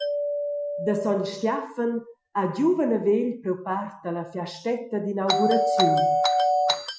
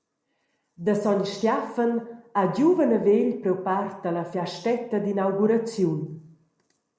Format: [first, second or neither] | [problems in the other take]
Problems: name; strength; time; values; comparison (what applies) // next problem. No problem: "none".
second | noise reduction (classical method Wiener filter)